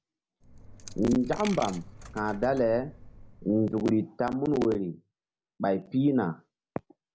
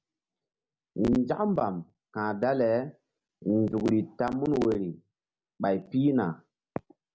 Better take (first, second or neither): second